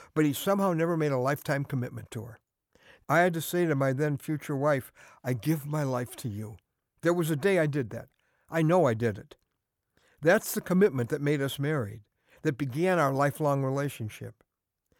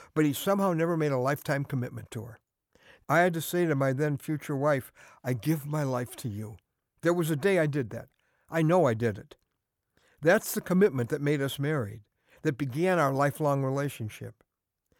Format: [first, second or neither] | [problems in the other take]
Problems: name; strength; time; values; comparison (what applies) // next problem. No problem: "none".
neither | none